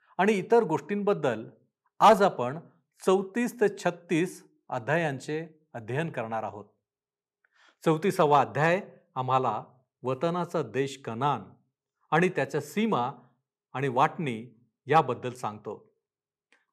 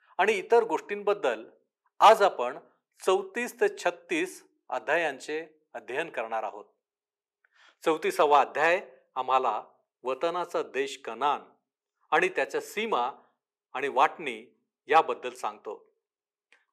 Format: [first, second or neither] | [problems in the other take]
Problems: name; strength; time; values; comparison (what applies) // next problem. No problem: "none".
first | thin; somewhat; fading below 350 Hz